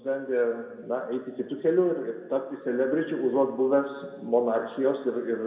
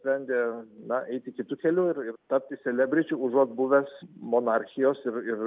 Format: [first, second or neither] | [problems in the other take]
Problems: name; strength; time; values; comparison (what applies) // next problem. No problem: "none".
second | room echo; dies away in 1.3 s